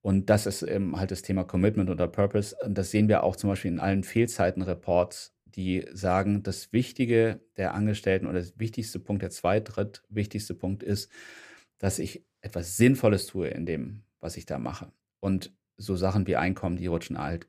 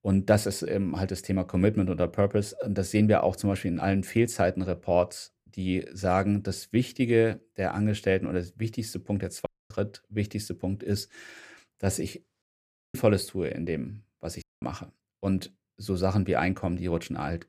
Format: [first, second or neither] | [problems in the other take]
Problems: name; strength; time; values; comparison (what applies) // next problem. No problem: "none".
first | audio cutting out; at 9.5 s, at 12 s for 0.5 s and at 14 s